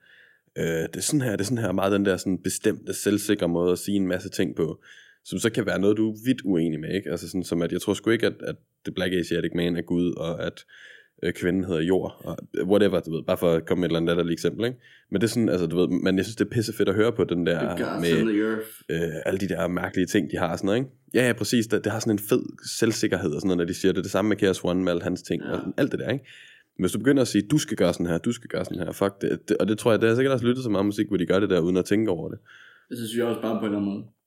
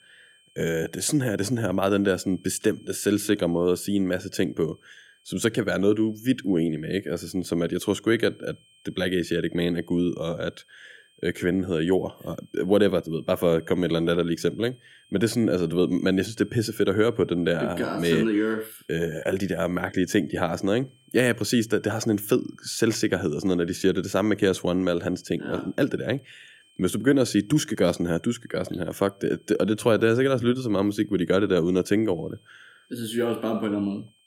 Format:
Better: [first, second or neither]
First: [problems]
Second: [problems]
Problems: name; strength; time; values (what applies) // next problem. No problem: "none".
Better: first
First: none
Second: high-pitched whine; faint; throughout; 3 kHz, 35 dB below the speech